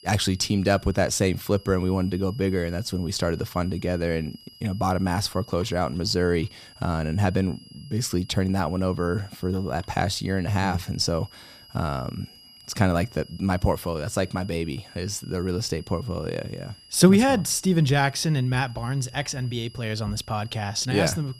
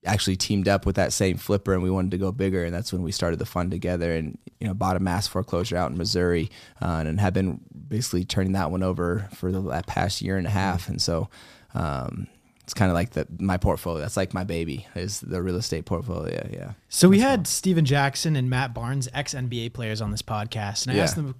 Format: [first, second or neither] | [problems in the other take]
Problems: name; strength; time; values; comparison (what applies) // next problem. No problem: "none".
second | high-pitched whine; faint; throughout; 5 kHz, 25 dB below the speech